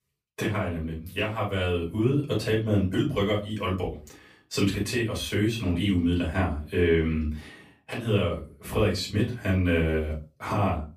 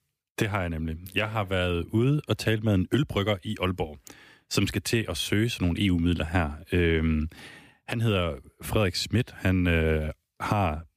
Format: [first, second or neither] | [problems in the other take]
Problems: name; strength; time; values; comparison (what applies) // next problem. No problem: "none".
second | room echo; slight; dies away in 0.3 s // off-mic speech; far